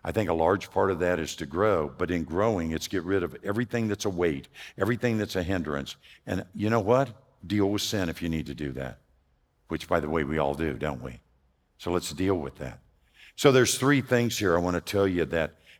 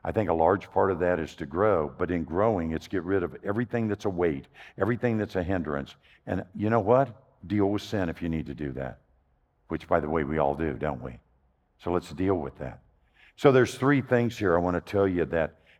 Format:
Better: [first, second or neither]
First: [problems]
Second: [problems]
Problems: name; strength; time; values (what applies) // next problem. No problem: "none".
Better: first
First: none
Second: muffled; slightly; fading above 3 kHz